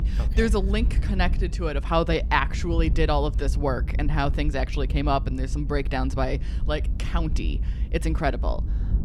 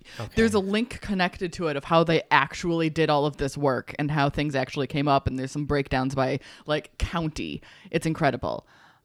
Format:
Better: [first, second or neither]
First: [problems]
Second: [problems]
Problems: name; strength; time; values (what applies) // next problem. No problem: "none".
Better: second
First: low rumble; noticeable; throughout; 20 dB below the speech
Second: none